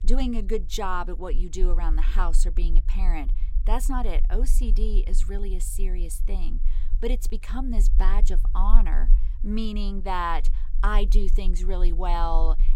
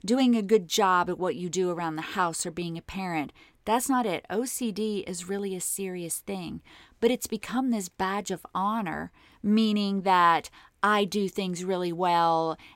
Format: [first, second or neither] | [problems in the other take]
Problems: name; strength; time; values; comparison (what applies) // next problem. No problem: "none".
second | low rumble; faint; throughout; 20 dB below the speech